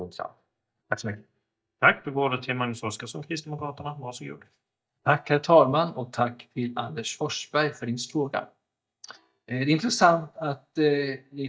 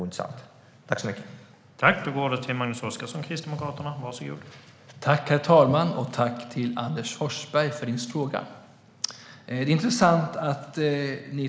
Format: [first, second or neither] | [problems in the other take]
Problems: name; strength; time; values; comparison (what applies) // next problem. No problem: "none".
second | noise reduction (neural mask model DeepFilterNet 3)